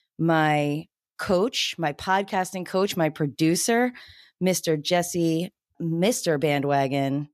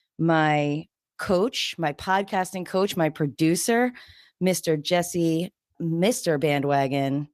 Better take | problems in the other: first | garbled, watery; slightly; nothing above 14.5 kHz

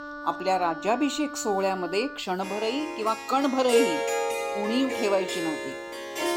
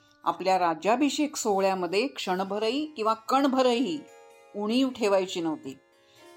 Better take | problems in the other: second | background music; loud; throughout; 4 dB below the speech; faint in the second

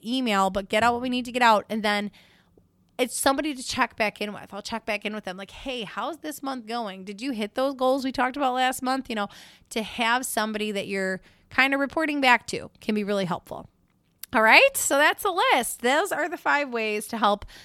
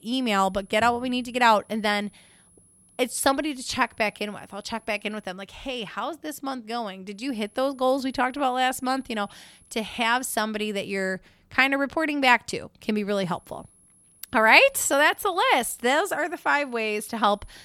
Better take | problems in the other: first | high-pitched whine; faint; until 5.5 s, from 7 to 10 s and from 13 s on; 10.5 kHz, 30 dB below the speech

